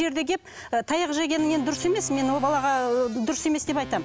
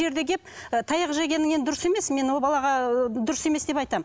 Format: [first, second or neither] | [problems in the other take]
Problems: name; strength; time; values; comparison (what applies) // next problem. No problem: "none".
second | background sound (Cupboard open or close + Organ); 17 dB below the speech